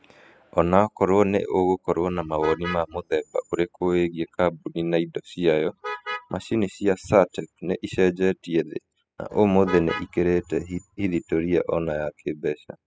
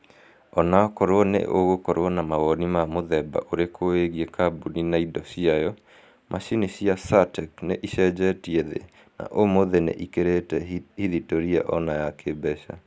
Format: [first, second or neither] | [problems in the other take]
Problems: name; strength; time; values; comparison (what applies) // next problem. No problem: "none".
second | noise reduction (classical method spectral subtraction)